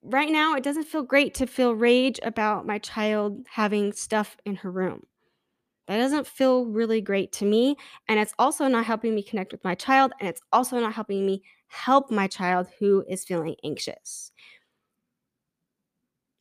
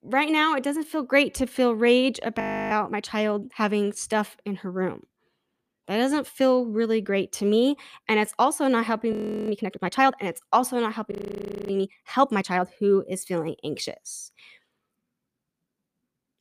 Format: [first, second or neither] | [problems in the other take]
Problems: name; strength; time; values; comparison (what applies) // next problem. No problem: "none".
first | audio freezing; at 2.5 s, at 9 s and at 11 s for 0.5 s